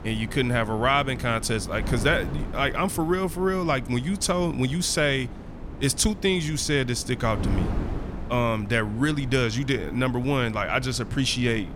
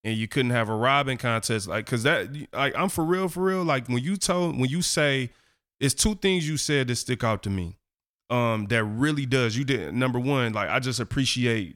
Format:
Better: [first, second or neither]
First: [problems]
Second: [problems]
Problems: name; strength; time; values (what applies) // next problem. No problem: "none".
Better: second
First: wind noise on the microphone; occasional gusts; 15 dB below the speech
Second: none